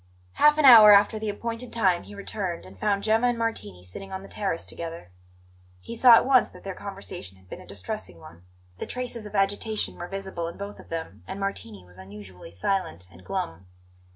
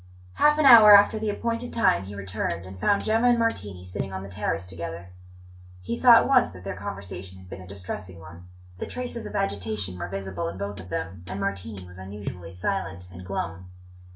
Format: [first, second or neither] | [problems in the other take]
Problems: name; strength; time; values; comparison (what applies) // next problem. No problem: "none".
first | background sound (Hi-hat); 15 dB below the speech // room echo; dies away in 0.2 s